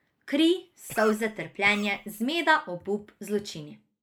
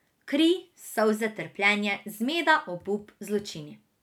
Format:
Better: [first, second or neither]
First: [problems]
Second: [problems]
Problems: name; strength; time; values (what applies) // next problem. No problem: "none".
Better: second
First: noise reduction (neural mask model Resemble Enhance denoiser)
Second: none